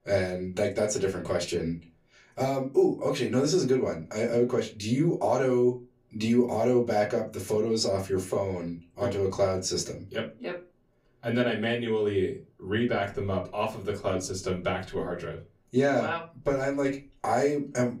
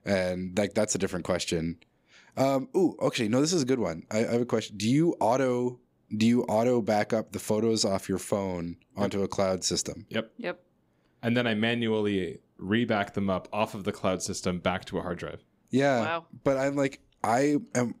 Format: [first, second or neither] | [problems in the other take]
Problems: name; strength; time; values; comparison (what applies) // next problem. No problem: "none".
second | off-mic speech; far // room echo; very slight; dies away in 0.2 s